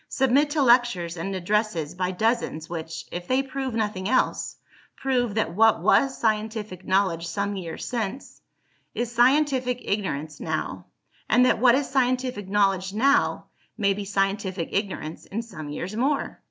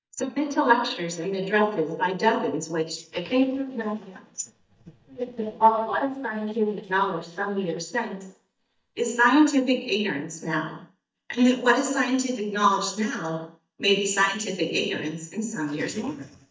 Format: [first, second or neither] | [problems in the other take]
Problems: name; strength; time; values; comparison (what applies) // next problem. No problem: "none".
first | noise reduction (neural mask model DeepFilterNet 3)